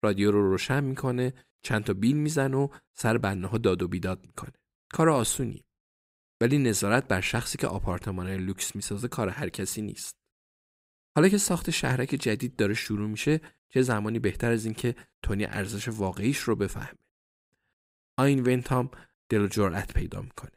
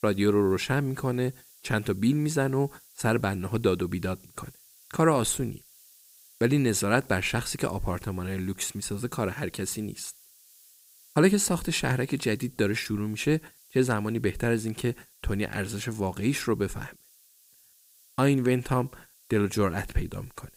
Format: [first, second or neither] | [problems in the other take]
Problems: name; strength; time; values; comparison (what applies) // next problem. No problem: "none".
first | hiss; faint; throughout; 25 dB below the speech